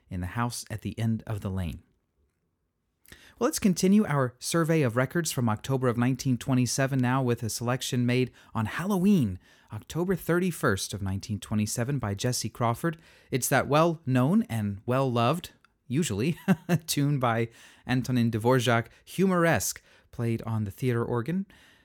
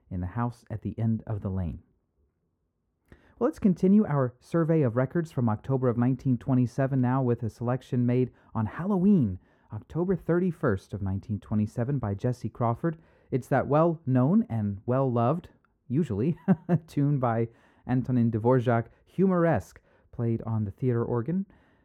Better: first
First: none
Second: muffled; very; fading above 2 kHz

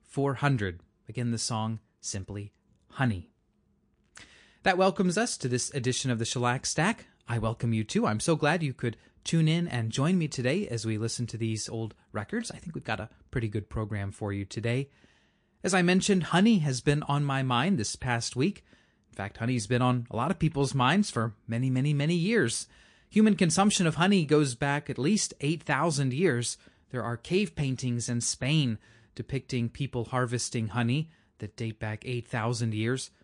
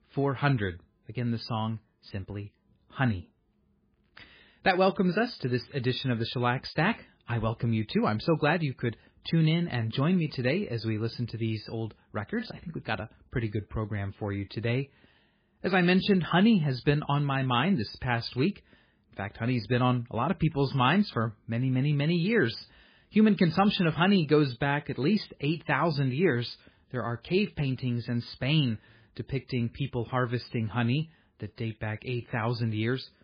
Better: first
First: garbled, watery; slightly; nothing above 10 kHz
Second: garbled, watery; badly; nothing above 5 kHz

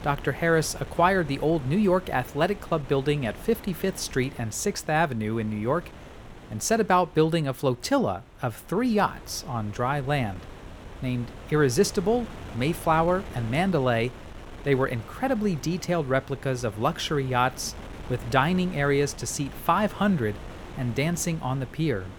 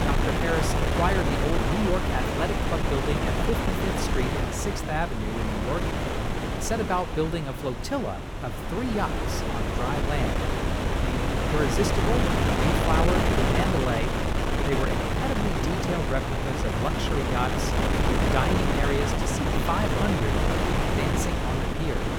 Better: first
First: wind noise on the microphone; occasional gusts; 20 dB below the speech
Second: wind noise on the microphone; heavy; 3 dB above the speech

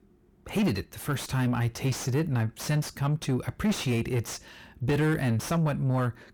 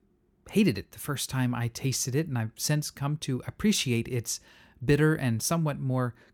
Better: second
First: distortion; heavy; 7 dB below the speech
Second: none

